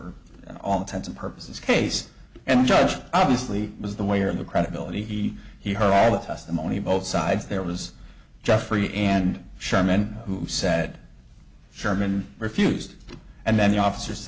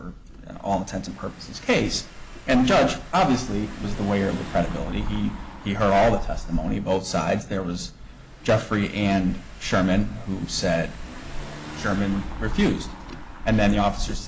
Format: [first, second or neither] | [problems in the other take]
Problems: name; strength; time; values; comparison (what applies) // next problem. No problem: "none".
first | background sound (Engine / Car); 9 dB below the speech